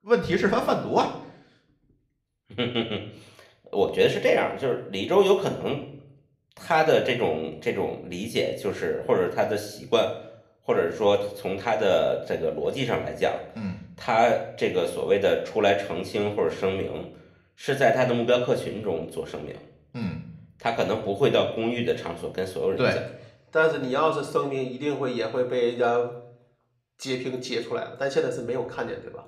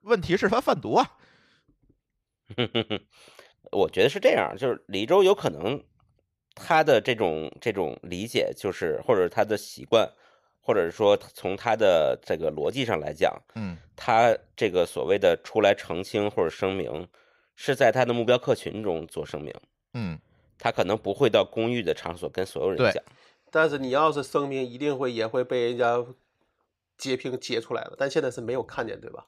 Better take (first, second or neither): second